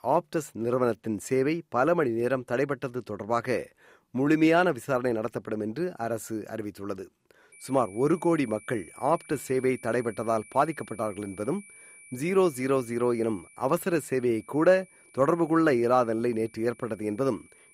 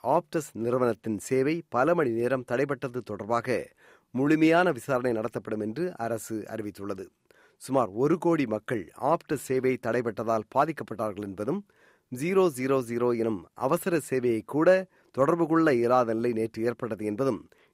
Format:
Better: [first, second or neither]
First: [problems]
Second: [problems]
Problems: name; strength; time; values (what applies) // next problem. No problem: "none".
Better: second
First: high-pitched whine; faint; from 7.5 s on; 2.5 kHz, 20 dB below the speech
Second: none